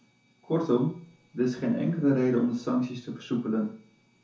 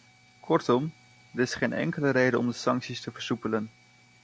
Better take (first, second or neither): second